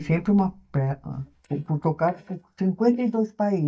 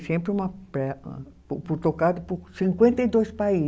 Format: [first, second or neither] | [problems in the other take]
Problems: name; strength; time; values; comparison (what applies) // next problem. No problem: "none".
second | noise reduction (neural mask model DeepFilterNet 3)